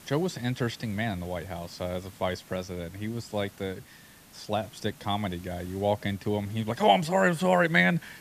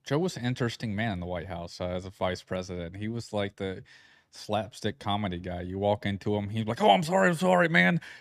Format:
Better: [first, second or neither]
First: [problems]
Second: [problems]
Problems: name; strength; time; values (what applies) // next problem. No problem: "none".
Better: second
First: hiss; faint; throughout; 20 dB below the speech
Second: none